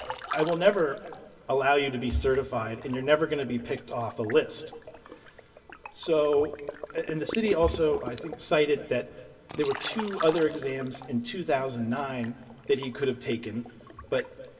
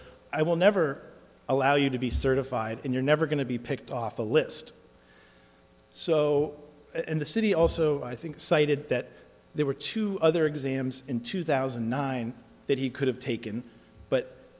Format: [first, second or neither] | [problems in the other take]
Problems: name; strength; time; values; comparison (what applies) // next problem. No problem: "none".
second | background sound (Liquid); 14 dB below the speech // room echo; dies away in 2.5 s